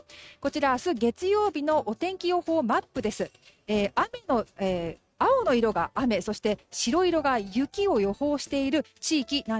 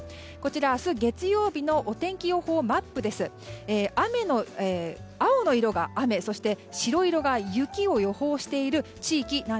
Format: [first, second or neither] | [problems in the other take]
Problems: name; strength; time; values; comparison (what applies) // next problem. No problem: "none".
second | noise reduction (neural mask model RNNoise)